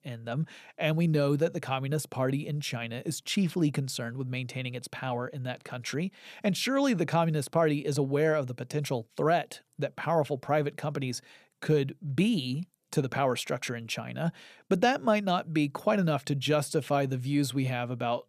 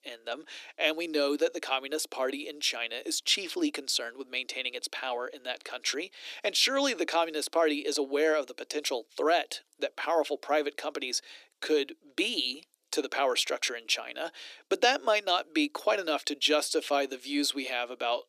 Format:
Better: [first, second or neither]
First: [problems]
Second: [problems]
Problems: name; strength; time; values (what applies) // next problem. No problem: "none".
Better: first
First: none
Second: thin; somewhat; fading below 300 Hz